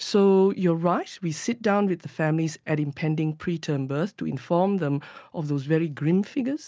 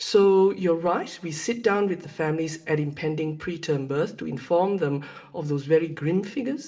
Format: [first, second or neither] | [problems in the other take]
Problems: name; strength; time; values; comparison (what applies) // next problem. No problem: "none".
first | room echo; dies away in 0.5 s